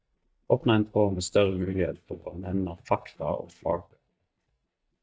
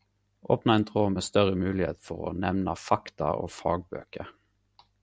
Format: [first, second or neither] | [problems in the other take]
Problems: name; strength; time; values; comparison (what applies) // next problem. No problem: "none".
second | noise reduction (neural mask model DeepFilterNet 3)